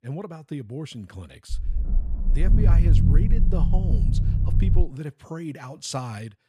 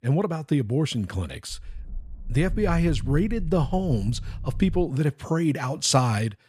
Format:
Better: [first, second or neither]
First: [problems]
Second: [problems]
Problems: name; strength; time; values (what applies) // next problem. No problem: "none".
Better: second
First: low rumble; loud; from 1.5 to 5 s; 1 dB below the speech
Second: low rumble; faint; from 1.5 to 5 s; 25 dB below the speech